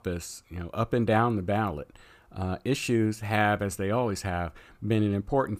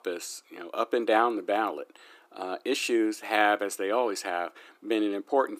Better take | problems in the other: first | thin; very; fading below 300 Hz

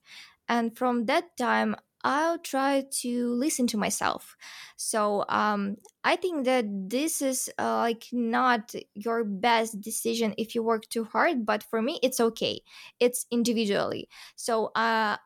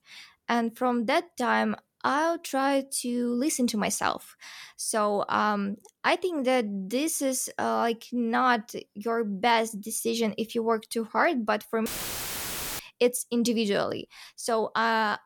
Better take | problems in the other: first | audio cutting out; filled with static; at 12 s for 1 s

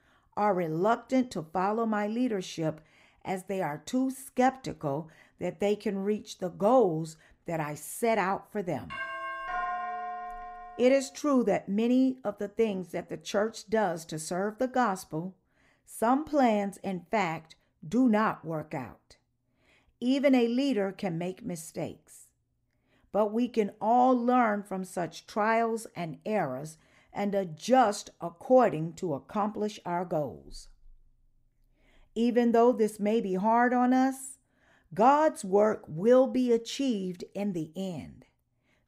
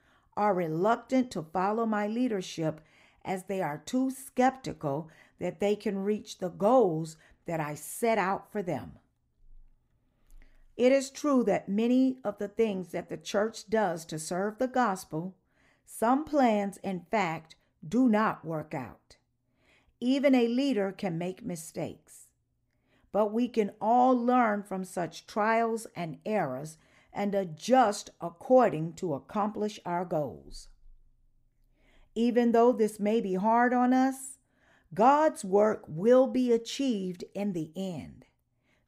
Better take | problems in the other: second | doorbell; noticeable; from 9 to 11 s; peak 4 dB below the speech

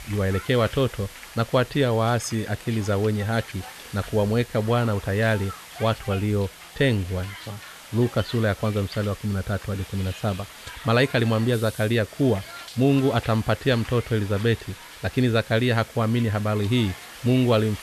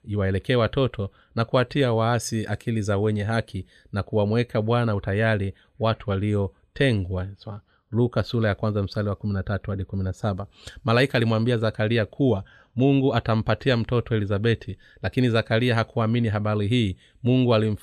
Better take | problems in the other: second | hiss; noticeable; throughout; 15 dB below the speech

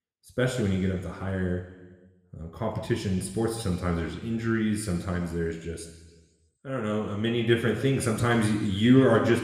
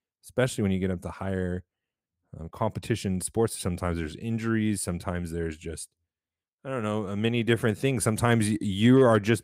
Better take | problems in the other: second | room echo; noticeable; dies away in 1.3 s // off-mic speech; somewhat distant

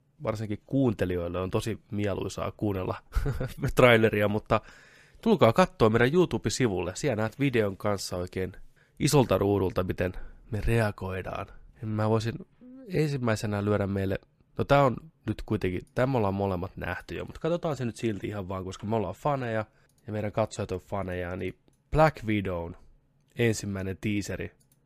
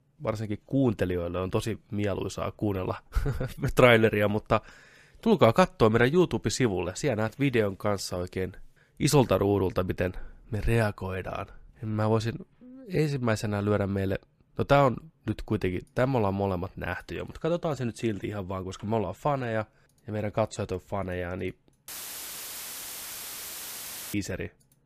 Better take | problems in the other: first | audio cutting out; filled with static; at 22 s for 2.5 s

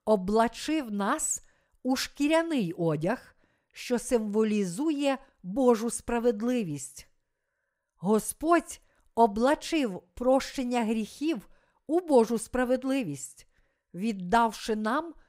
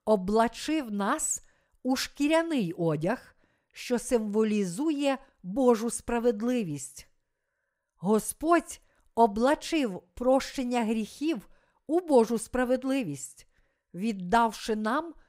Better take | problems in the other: neither | none

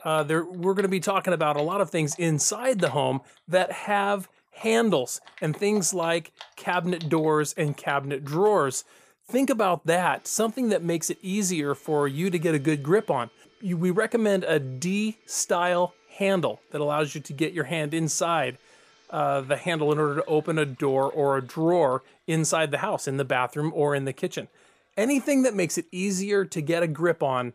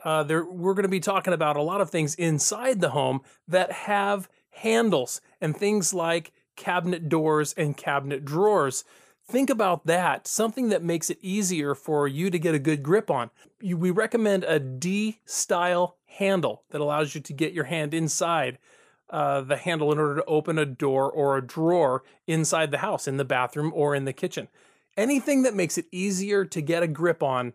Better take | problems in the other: second | household noises; faint; throughout; 25 dB below the speech

